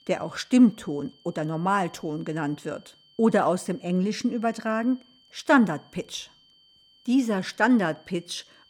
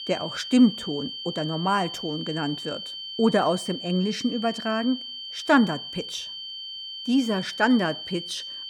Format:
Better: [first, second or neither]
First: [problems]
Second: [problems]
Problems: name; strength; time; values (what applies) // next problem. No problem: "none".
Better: first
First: high-pitched whine; faint; throughout; 3 kHz, 30 dB below the speech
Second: high-pitched whine; loud; throughout; 3 kHz, 9 dB below the speech